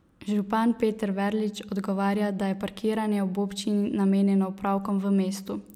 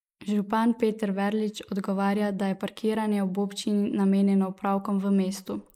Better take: first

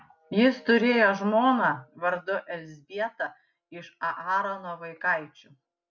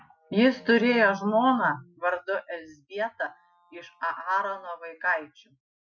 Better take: first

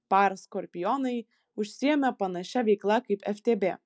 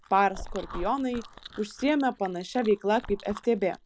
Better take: first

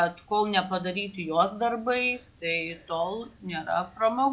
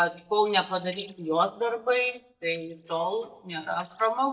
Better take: first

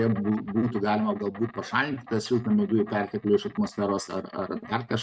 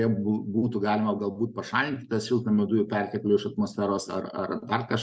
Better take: second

